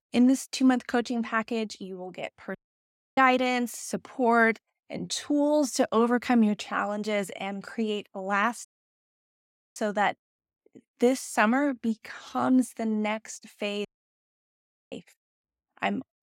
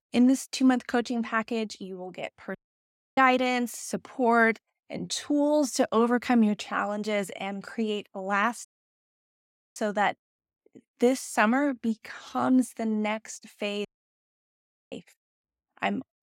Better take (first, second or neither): neither